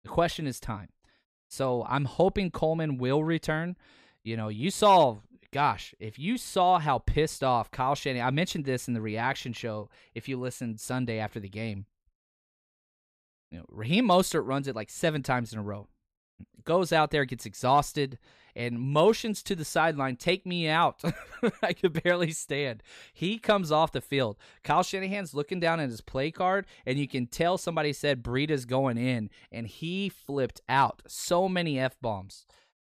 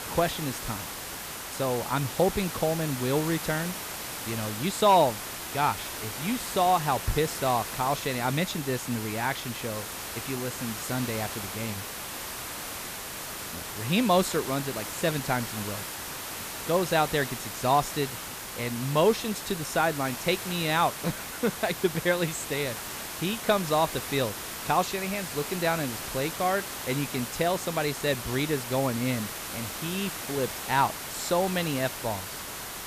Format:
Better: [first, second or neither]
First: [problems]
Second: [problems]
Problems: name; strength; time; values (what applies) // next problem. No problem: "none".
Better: first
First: none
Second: hiss; loud; throughout; 6 dB below the speech